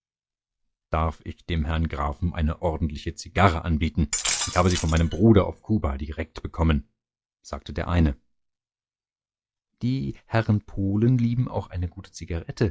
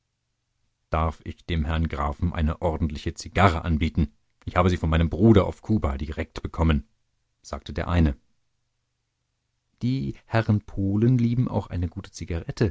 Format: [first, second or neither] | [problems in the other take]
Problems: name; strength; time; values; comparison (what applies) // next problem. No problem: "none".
second | noise reduction (classical method log-MMSE)